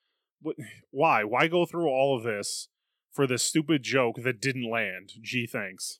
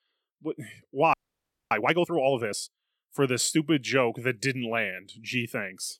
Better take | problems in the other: first | audio freezing; at 1 s for 0.5 s

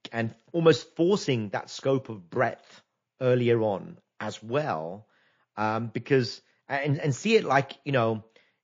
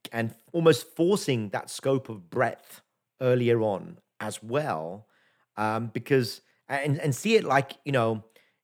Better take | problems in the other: second | garbled, watery; slightly

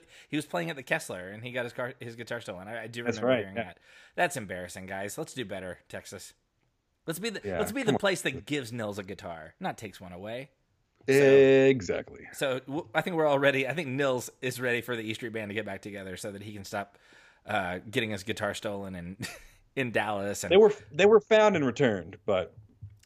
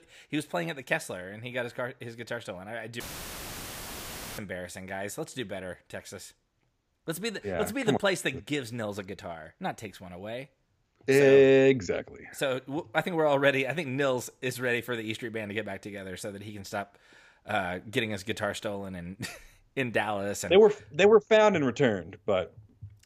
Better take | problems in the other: first | audio cutting out; filled with static; at 3 s for 1.5 s

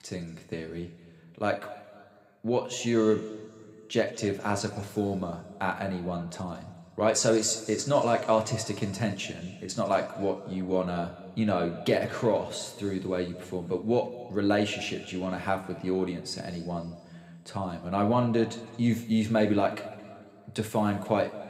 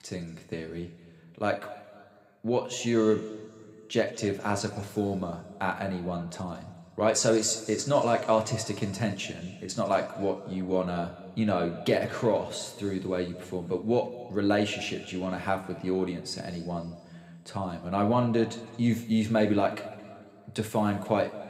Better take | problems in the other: neither | room echo; slight; dies away in 1.6 s; the same in both

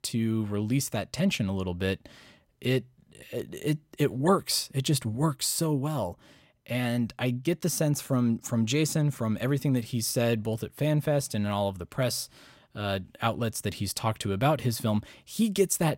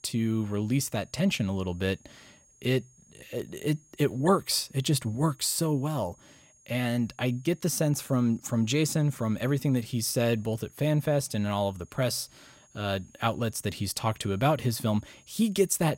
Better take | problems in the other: first | high-pitched whine; faint; throughout; 6.5 kHz, 30 dB below the speech

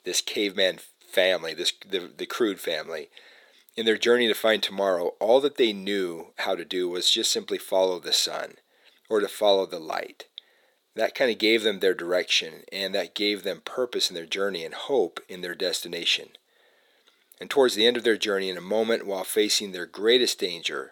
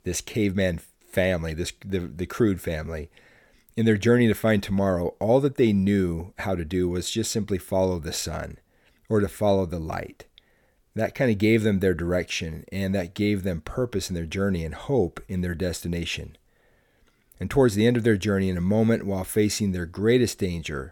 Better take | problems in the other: second | thin; somewhat; fading below 350 Hz

